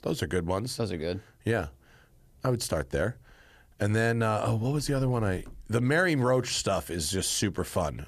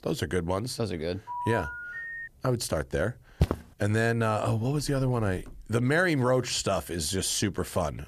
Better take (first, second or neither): first